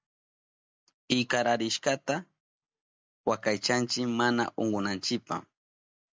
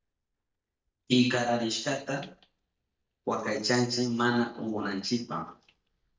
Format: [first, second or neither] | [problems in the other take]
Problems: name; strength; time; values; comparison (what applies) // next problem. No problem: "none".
first | noise reduction (neural mask model DeepFilterNet 3)